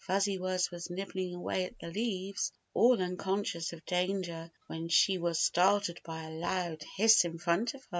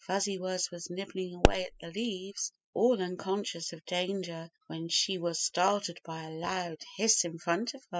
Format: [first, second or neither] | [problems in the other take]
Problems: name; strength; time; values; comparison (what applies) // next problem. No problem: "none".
first | noise reduction (classical method spectral subtraction)